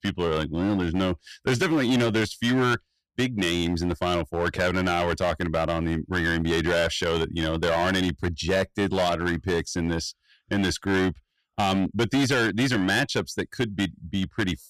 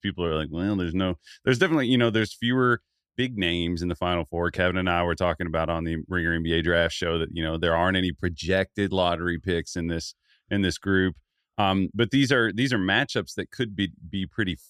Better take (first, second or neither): second